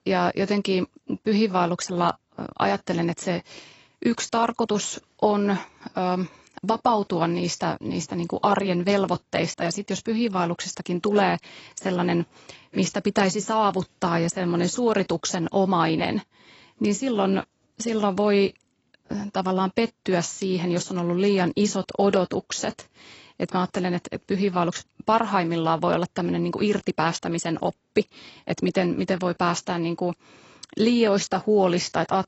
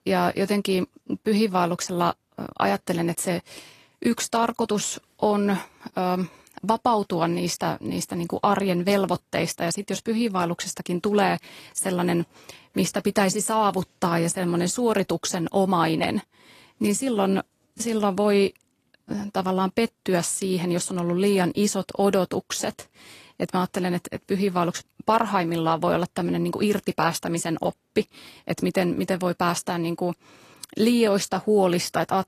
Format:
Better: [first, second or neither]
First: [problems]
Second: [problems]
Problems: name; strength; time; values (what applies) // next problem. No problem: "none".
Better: second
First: garbled, watery; badly; nothing above 8 kHz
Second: garbled, watery; slightly; nothing above 14.5 kHz